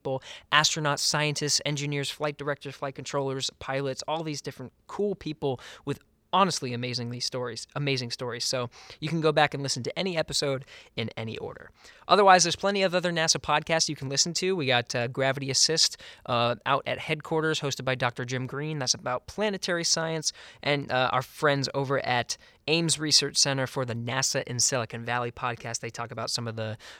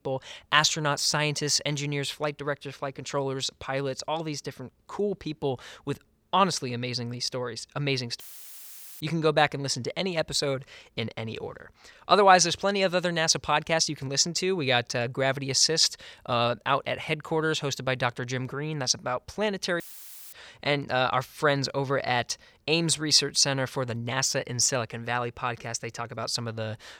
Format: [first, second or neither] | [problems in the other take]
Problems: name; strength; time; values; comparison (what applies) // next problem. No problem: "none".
first | audio cutting out; filled with static; at 8 s for 1 s and at 20 s for 0.5 s